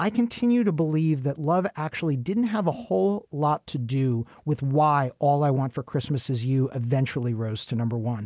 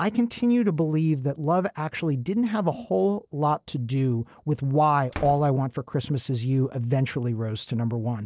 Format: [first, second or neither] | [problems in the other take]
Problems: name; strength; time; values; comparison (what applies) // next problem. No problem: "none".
first | noise reduction (neural separator model SepFormer DNS4)